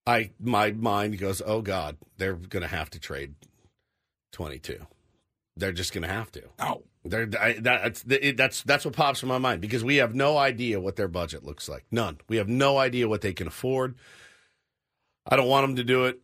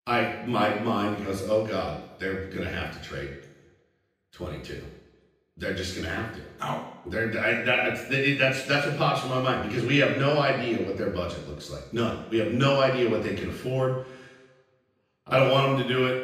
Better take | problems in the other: first | room echo; noticeable; dies away in 0.9 s // off-mic speech; far

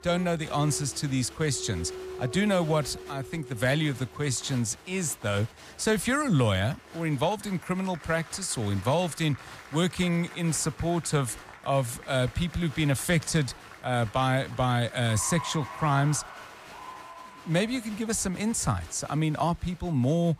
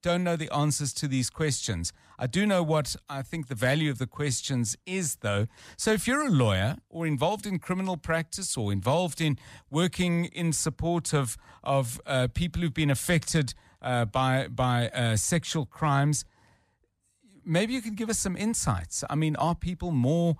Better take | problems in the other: second | crowd noise; noticeable; throughout; 15 dB below the speech

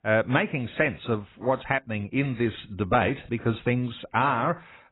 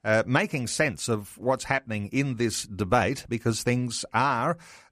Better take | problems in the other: second | garbled, watery; badly; nothing above 4 kHz

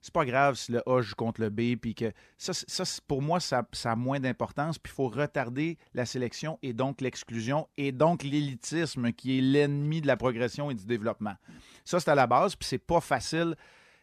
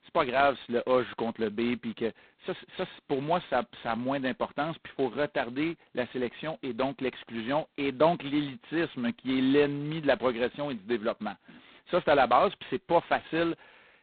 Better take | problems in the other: first | phone-call audio; poor line; nothing above 4 kHz

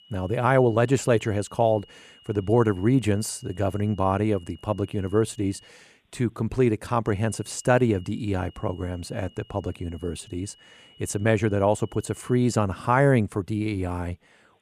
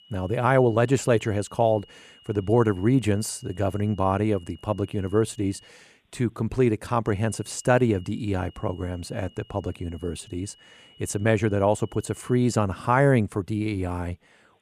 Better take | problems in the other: neither | high-pitched whine; faint; until 5.5 s and from 7 to 13 s; 3 kHz, 25 dB below the speech; the same in both

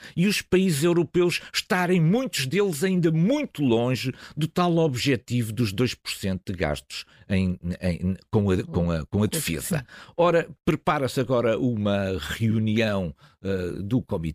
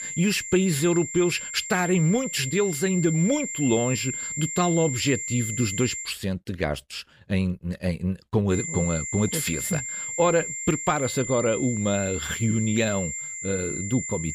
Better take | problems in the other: first | high-pitched whine; loud; until 6 s and from 8.5 s on; 7.5 kHz, 5 dB below the speech

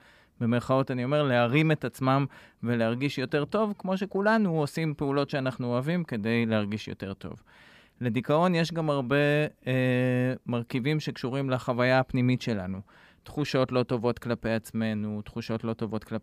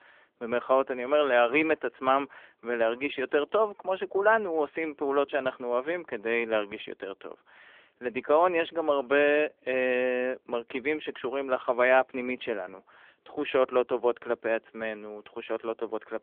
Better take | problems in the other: first | phone-call audio; nothing above 3.5 kHz

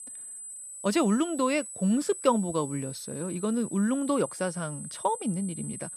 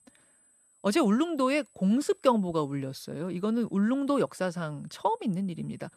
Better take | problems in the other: second | high-pitched whine; loud; throughout; 8 kHz, 10 dB below the speech; faint in the second

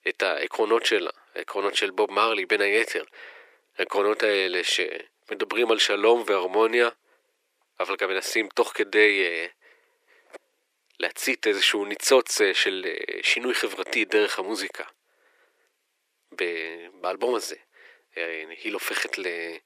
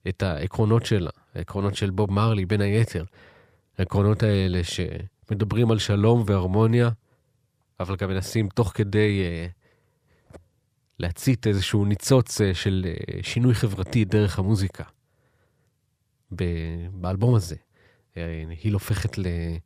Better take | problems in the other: second | thin; very; fading below 350 Hz

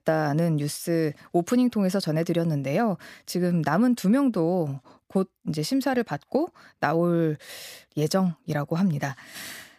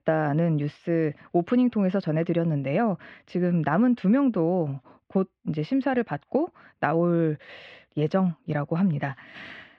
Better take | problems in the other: first | muffled; very; fading above 3 kHz

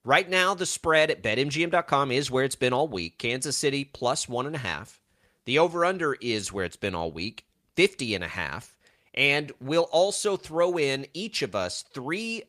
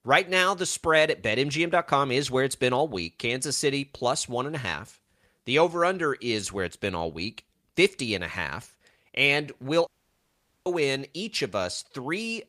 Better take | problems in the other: first | audio cutting out; at 10 s for 1 s

